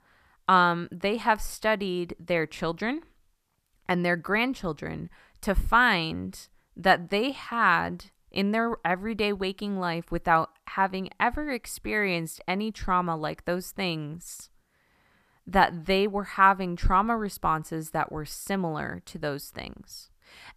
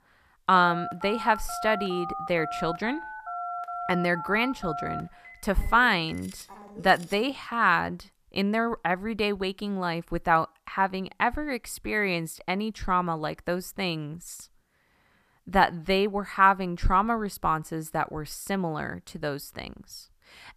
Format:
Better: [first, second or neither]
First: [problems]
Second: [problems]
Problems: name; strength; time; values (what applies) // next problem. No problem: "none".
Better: first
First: none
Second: phone ringing; noticeable; from 0.5 to 7.5 s; peak 7 dB below the speech